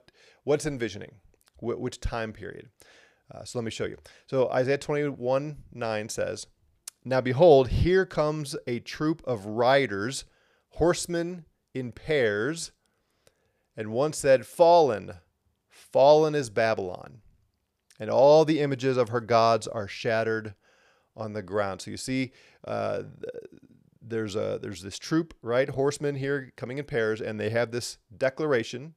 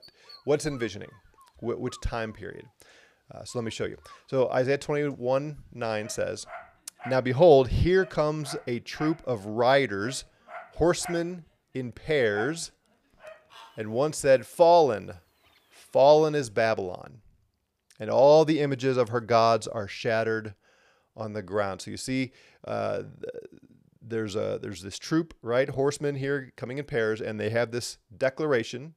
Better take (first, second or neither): first